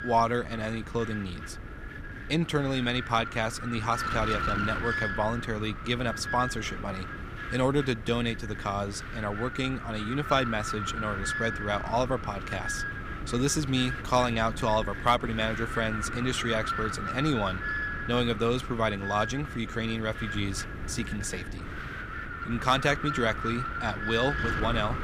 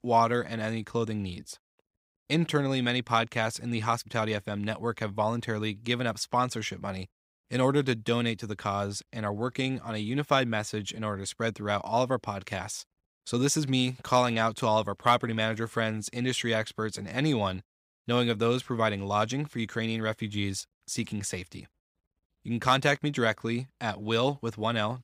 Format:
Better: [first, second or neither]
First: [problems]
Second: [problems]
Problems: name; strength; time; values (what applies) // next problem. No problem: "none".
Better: second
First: wind noise on the microphone; heavy; 4 dB below the speech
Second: none